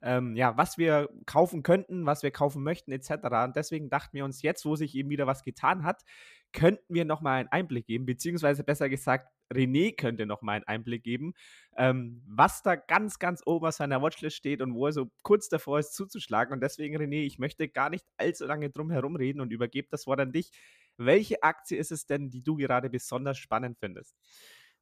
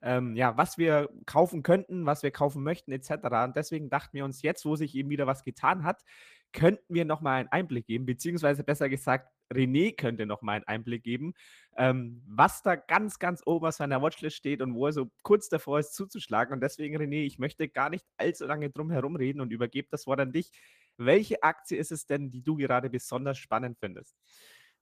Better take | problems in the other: first | garbled, watery; slightly; nothing above 14.5 kHz

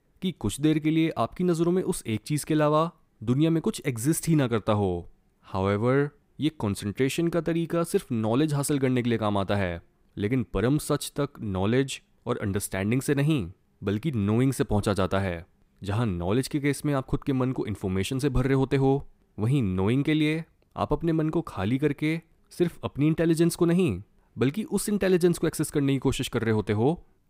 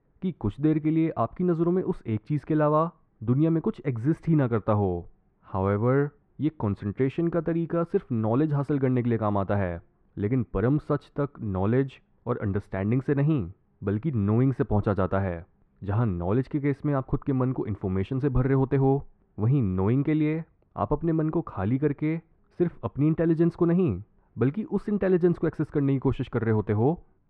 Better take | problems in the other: first | muffled; very; fading above 1.5 kHz

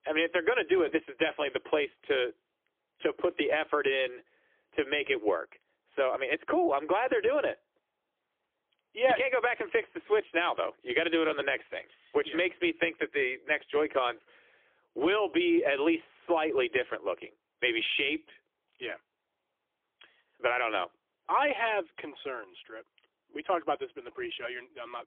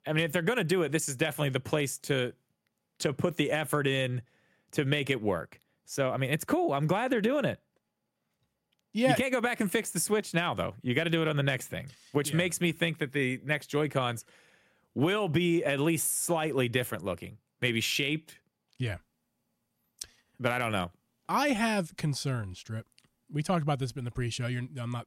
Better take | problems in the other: second | phone-call audio; poor line; nothing above 3.5 kHz

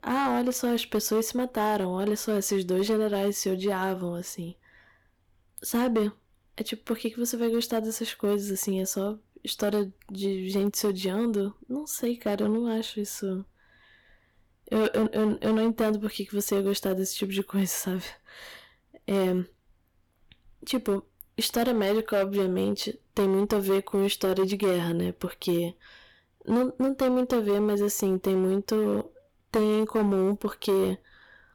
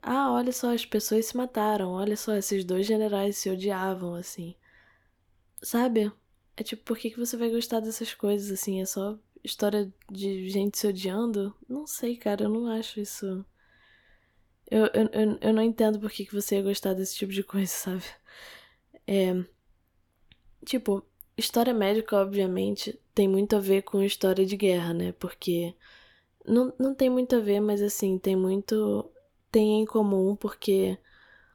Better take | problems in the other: second | distortion; slight; 7% of the sound clipped

